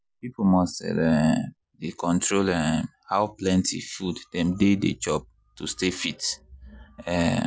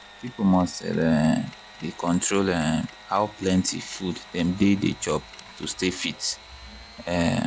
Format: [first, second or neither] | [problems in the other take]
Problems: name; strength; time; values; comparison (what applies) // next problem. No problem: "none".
first | background sound (Mechanisms + Sawing / Engine); 20 dB below the speech